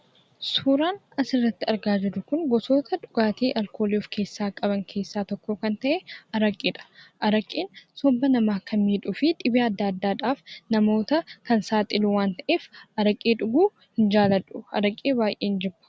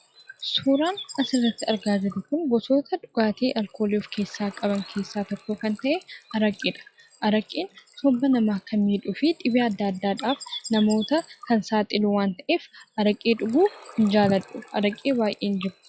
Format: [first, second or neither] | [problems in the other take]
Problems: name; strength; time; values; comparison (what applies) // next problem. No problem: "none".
first | noise reduction (classical method log-MMSE)